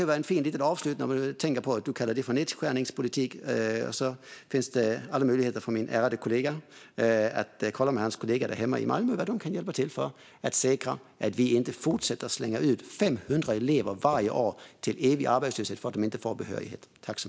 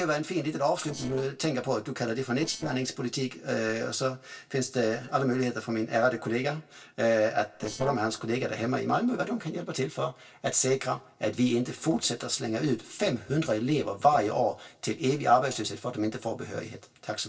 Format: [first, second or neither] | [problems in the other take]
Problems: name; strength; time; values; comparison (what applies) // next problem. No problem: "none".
first | noise reduction (neural separator model SepFormer DNS4)